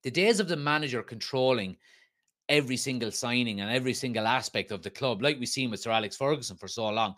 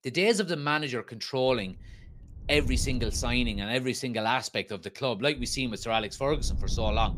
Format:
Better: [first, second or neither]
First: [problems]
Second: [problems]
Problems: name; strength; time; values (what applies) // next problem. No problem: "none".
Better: first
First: none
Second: wind noise on the microphone; occasional gusts; from 1.5 to 3.5 s and from 5.5 s on; 20 dB below the speech